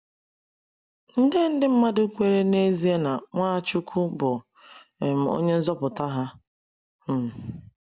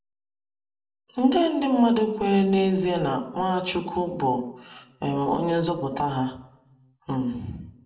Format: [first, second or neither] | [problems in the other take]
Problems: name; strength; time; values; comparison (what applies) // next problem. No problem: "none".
first | room echo; dies away in 0.5 s